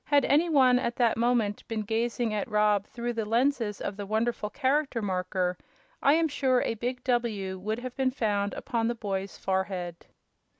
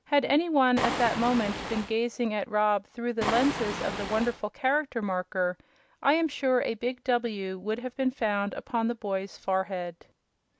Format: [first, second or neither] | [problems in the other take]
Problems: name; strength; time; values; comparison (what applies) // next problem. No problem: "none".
first | background sound (Waves, surf); 5 dB below the speech